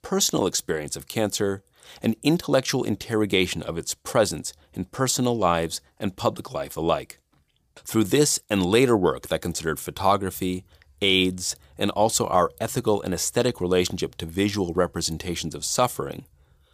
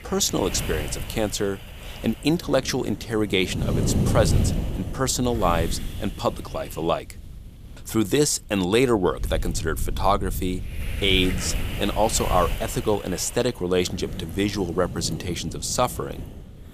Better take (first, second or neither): first